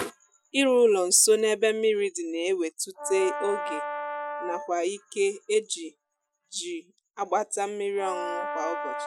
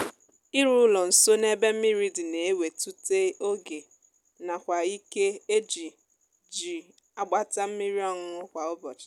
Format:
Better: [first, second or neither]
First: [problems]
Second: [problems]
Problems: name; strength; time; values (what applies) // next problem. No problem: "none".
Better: second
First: noise reduction (classical method Wiener filter)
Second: none